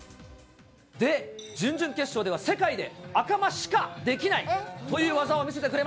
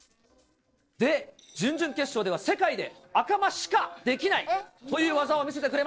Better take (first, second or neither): first